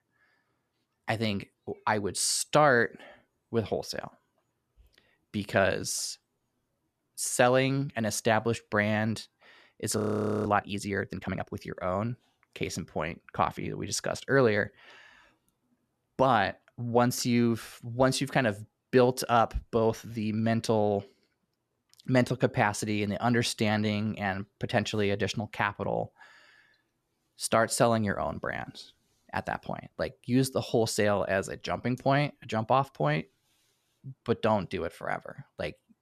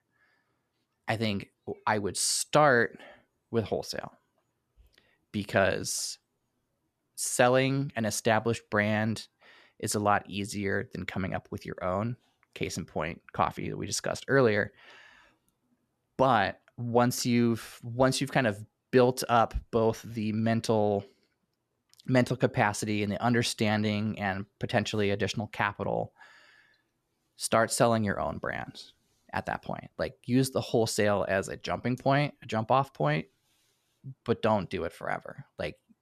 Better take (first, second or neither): second